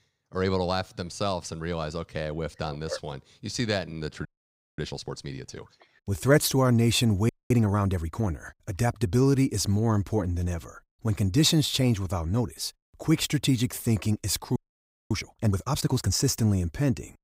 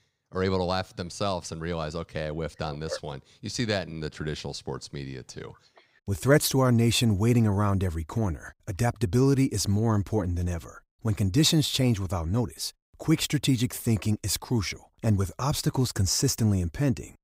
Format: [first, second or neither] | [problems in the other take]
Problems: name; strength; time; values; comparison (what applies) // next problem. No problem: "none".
second | audio freezing; at 4.5 s for 0.5 s, at 7.5 s and at 15 s for 0.5 s